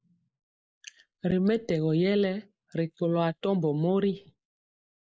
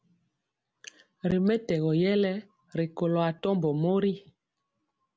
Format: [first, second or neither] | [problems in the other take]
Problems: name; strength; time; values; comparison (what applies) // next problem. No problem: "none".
second | noise reduction (neural mask model Resemble Enhance denoiser)